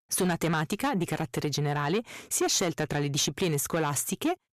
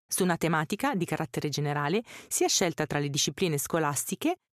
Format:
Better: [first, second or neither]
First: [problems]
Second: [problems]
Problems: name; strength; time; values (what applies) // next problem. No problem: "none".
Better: second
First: distortion; slight; 10 dB below the speech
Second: none